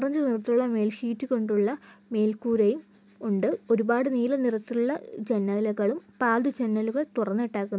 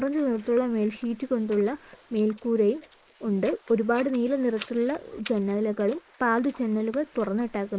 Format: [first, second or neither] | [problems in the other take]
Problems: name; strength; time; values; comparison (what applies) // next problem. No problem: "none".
first | noise reduction (neural mask model Resemble Enhance denoiser)